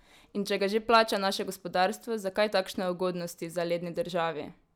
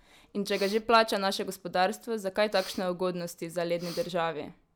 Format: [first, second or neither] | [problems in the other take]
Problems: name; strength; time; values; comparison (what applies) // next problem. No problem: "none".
first | background sound (Breathing); 19 dB below the speech